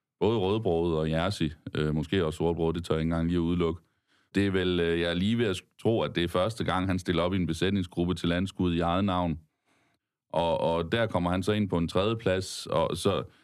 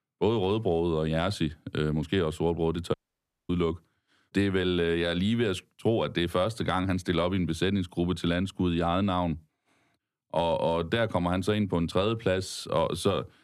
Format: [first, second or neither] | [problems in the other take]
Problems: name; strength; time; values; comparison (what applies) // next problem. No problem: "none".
first | audio cutting out; at 3 s for 0.5 s